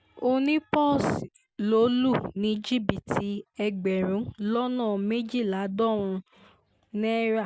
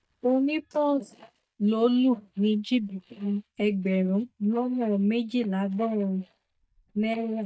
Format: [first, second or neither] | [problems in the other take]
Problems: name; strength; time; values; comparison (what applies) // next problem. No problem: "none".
first | noise reduction (neural mask model DeepFilterNet 3)